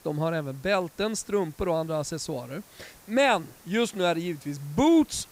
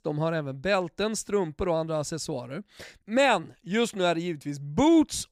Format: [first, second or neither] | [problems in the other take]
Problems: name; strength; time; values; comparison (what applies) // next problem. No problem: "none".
second | hiss; faint; throughout; 25 dB below the speech